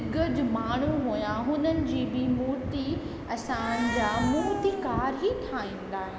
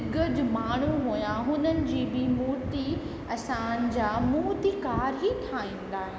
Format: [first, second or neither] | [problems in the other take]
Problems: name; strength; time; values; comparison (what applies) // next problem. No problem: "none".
second | background sound (Cat); 8 dB below the speech